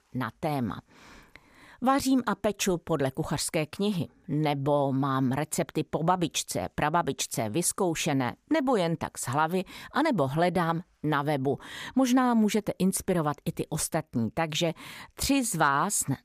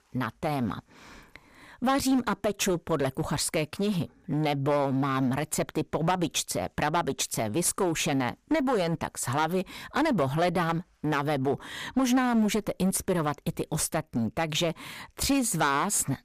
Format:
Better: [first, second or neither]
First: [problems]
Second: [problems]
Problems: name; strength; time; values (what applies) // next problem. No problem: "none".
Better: first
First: none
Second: distortion; slight; 8% of the sound clipped